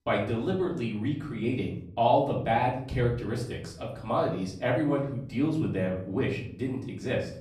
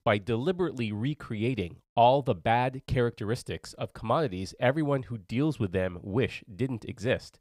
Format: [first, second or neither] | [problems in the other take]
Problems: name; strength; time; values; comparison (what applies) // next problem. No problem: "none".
second | off-mic speech; far // room echo; slight; dies away in 0.6 s